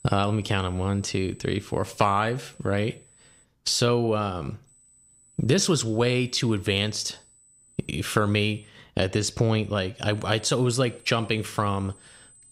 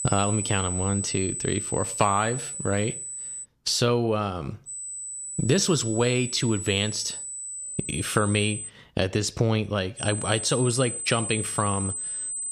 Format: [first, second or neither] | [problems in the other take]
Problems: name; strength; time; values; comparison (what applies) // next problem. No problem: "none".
first | high-pitched whine; loud; until 3.5 s, from 4.5 to 8.5 s and from 10 s on; 8 kHz, 5 dB below the speech; faint in the first